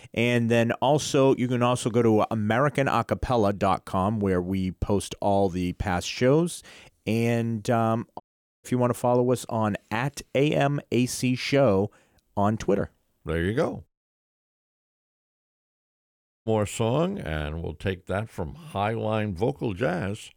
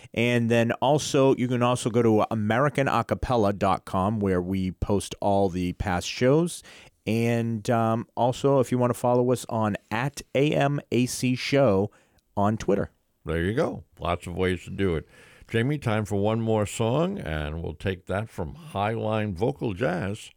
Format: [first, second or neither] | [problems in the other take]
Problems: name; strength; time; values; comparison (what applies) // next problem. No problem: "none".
second | audio cutting out; at 8 s and at 14 s for 2.5 s